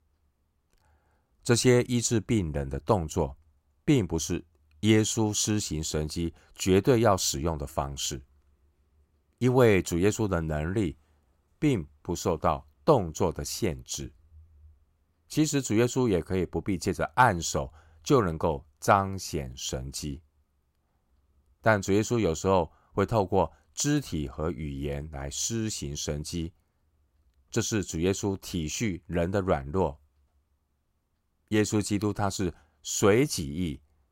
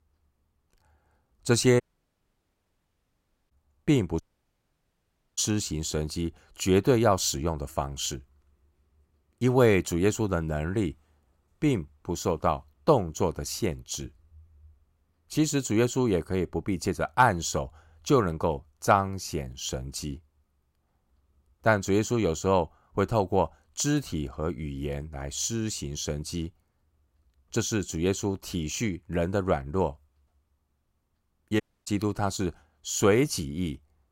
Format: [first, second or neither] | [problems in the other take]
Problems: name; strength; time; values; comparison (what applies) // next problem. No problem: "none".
first | audio cutting out; at 2 s for 1.5 s, at 4 s for 1 s and at 32 s